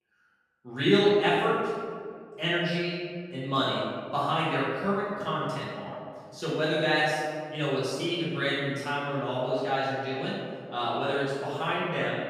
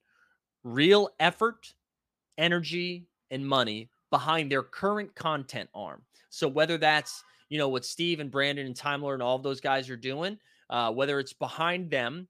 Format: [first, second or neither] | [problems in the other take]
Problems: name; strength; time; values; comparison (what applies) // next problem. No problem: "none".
second | off-mic speech; far // room echo; strong; dies away in 1.8 s